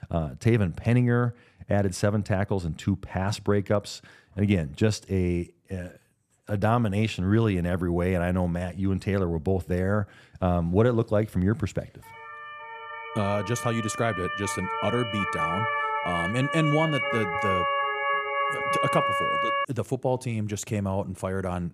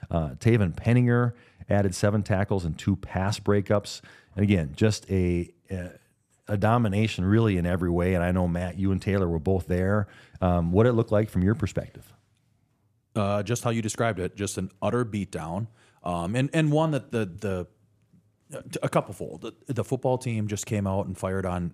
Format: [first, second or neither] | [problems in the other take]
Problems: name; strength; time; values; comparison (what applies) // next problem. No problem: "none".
second | siren; loud; from 12 to 20 s; peak 2 dB above the speech